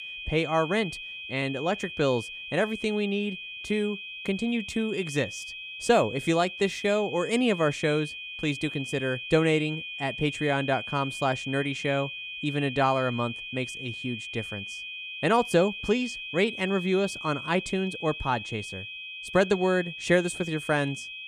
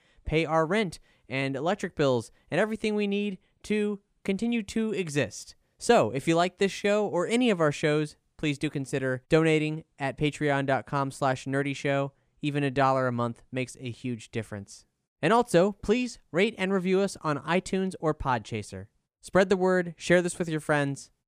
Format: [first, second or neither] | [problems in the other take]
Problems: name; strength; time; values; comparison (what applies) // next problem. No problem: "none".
second | high-pitched whine; loud; throughout; 2.5 kHz, 8 dB below the speech